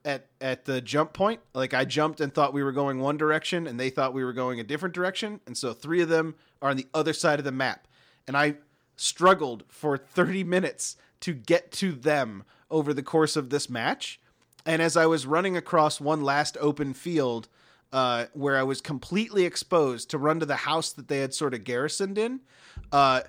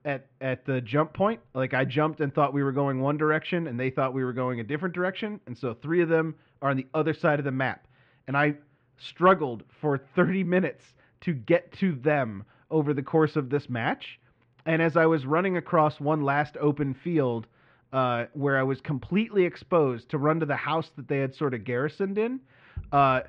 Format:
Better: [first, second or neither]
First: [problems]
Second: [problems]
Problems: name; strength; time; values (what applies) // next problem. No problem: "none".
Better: first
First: none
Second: muffled; very; fading above 2.5 kHz